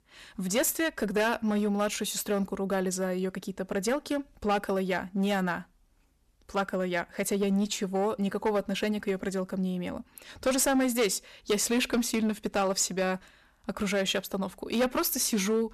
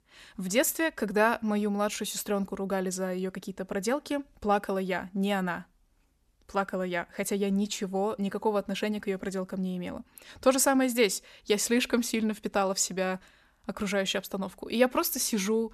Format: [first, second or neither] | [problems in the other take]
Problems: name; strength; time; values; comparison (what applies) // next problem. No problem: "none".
second | distortion; slight; 6% of the sound clipped